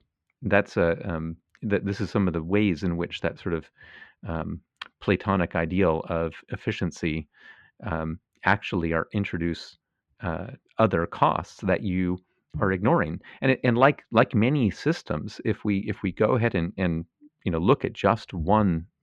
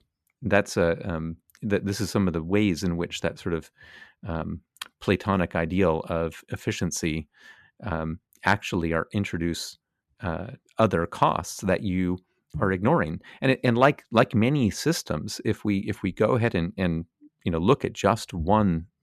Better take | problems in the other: second | muffled; slightly; fading above 3 kHz

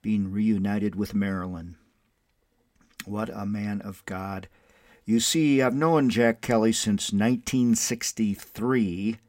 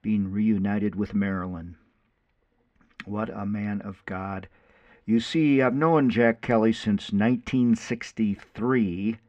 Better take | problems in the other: first | muffled; very; fading above 2.5 kHz

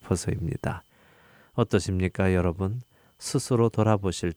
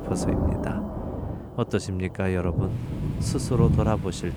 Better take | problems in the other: first | rain or running water; very loud; throughout; as loud as the speech

